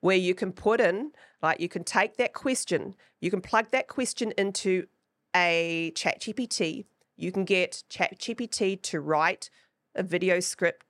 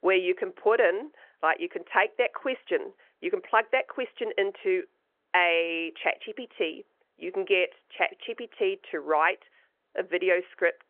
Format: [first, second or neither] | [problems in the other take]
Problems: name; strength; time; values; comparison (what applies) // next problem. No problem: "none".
first | phone-call audio